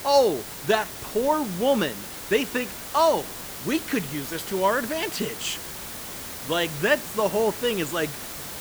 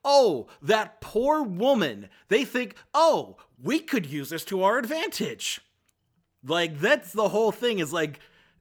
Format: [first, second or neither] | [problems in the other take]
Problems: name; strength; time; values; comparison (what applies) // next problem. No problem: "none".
second | hiss; loud; throughout; 9 dB below the speech